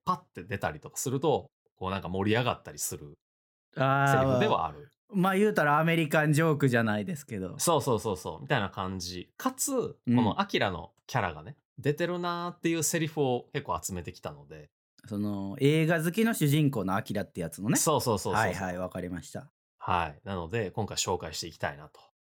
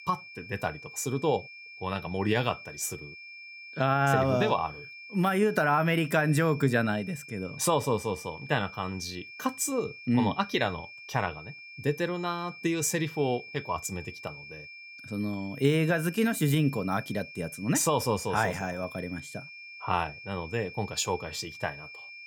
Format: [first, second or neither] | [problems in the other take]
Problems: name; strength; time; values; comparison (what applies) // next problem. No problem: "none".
first | high-pitched whine; noticeable; throughout; 2.5 kHz, 15 dB below the speech